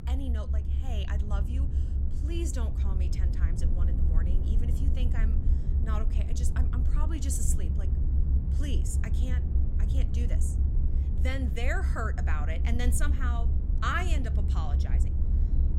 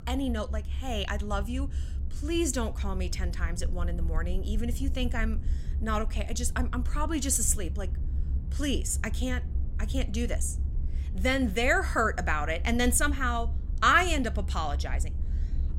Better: second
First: low rumble; loud; throughout; 7 dB below the speech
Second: low rumble; faint; throughout; 20 dB below the speech

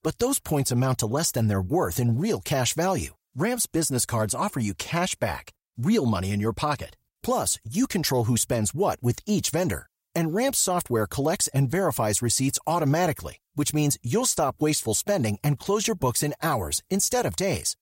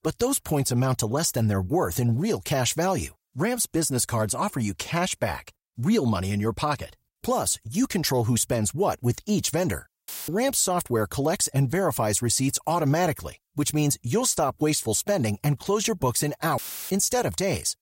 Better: first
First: none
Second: audio cutting out; filled with static; at 10 s and at 17 s

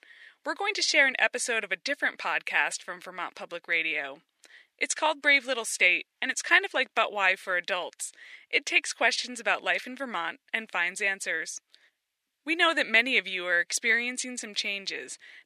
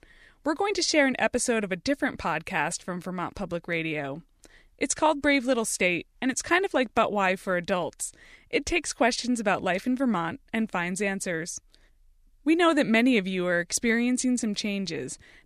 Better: second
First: thin; somewhat; fading below 500 Hz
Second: none

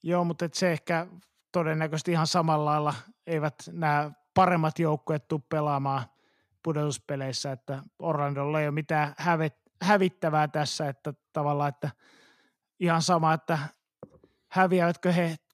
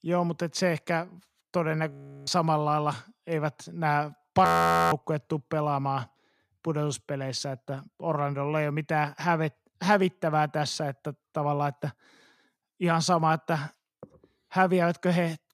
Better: first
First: none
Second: audio freezing; at 2 s and at 4.5 s

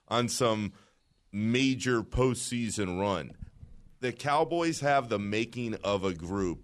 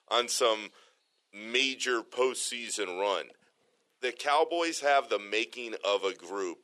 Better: first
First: none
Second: thin; very; fading below 400 Hz

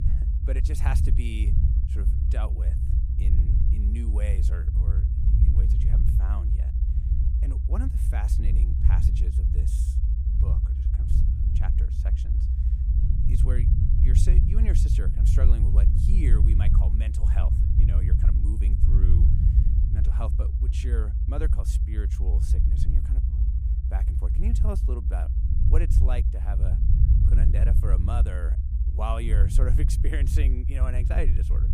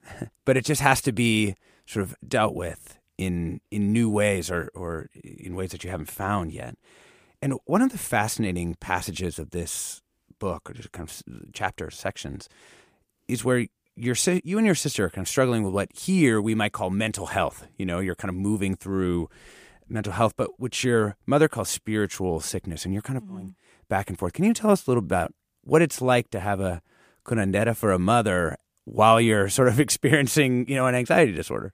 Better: second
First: low rumble; loud; throughout; 1 dB below the speech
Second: none

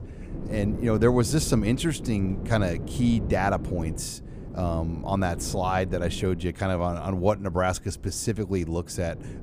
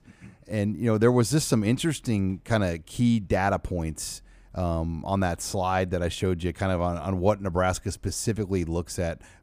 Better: second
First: wind noise on the microphone; occasional gusts; 15 dB below the speech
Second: none

